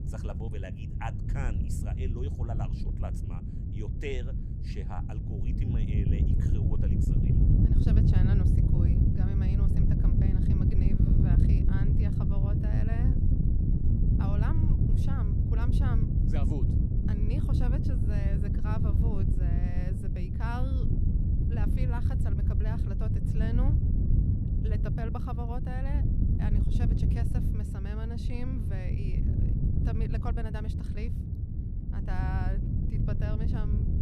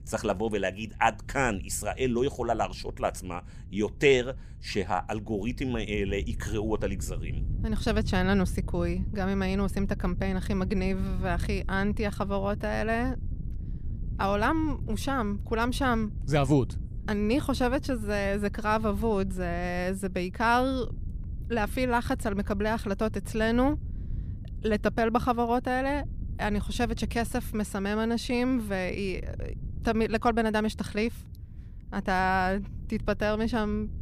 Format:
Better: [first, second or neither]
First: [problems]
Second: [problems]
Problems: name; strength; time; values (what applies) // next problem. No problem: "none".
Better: second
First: wind noise on the microphone; heavy; 3 dB above the speech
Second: wind noise on the microphone; occasional gusts; 25 dB below the speech